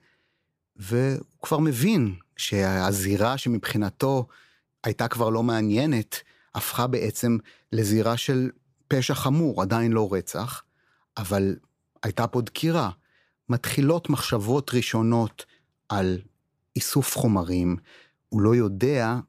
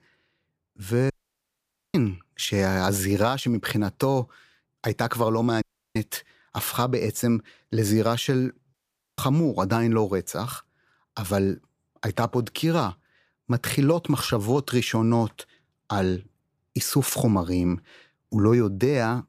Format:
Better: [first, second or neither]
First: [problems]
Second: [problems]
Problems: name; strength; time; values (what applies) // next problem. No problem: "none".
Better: first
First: none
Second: audio cutting out; at 1 s for 1 s, at 5.5 s and at 8.5 s